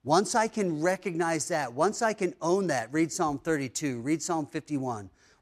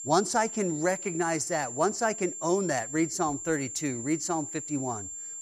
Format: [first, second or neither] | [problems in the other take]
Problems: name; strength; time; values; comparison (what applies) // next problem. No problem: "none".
first | high-pitched whine; loud; throughout; 7.5 kHz, 7 dB below the speech